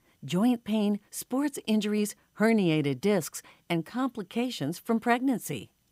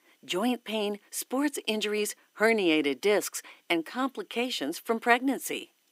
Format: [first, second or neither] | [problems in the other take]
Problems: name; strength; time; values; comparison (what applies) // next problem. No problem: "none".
first | thin; somewhat; fading below 300 Hz